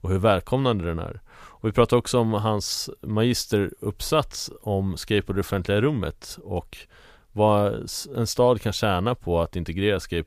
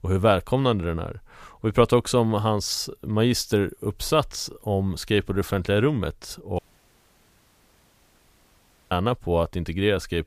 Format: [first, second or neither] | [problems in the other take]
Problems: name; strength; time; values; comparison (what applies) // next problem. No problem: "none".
first | audio cutting out; at 6.5 s for 2.5 s